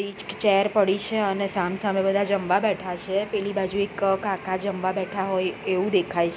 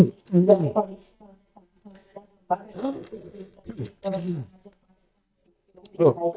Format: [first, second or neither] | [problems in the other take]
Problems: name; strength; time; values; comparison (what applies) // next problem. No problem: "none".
first | noise reduction (neural mask model DeepFilterNet 3)